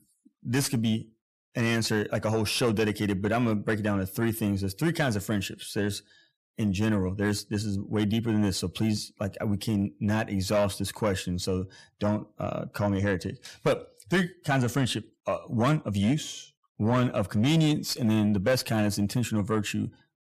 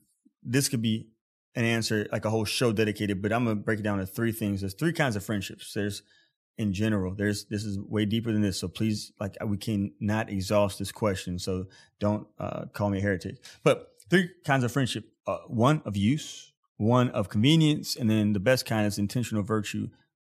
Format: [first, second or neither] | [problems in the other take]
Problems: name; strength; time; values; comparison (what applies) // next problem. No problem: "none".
second | distortion; slight; 10 dB below the speech